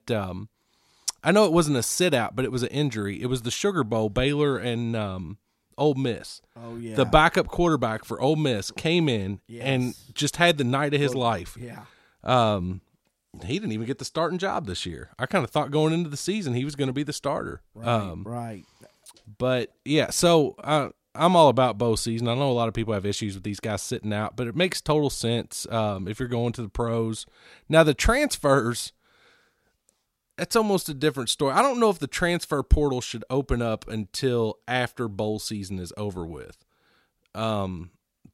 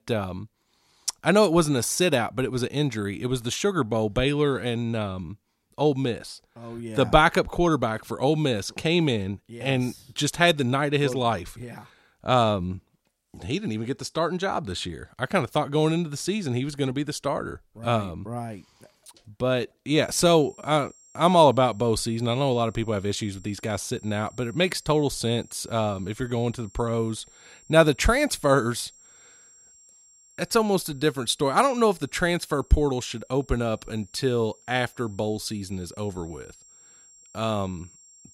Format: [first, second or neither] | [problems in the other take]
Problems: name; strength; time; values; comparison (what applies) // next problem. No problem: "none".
first | high-pitched whine; faint; from 20 s on; 7.5 kHz, 25 dB below the speech